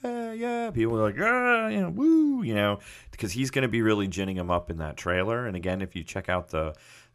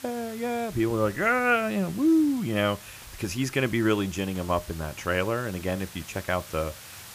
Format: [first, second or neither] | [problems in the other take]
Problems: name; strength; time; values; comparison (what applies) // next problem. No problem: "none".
first | hiss; noticeable; throughout; 15 dB below the speech